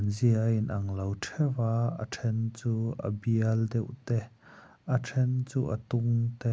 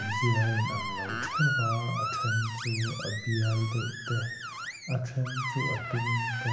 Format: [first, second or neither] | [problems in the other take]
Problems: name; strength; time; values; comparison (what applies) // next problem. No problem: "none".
first | background sound (Screech); 3 dB below the speech // room echo; dies away in 0.8 s